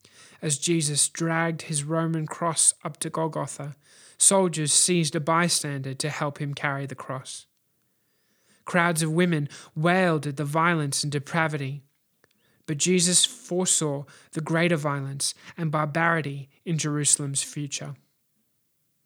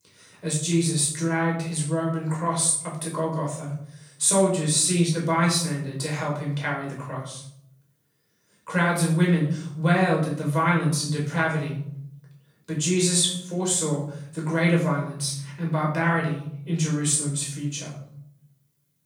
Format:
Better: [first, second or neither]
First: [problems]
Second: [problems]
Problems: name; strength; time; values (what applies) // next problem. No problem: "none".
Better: first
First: none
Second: off-mic speech; far // room echo; noticeable; dies away in 0.7 s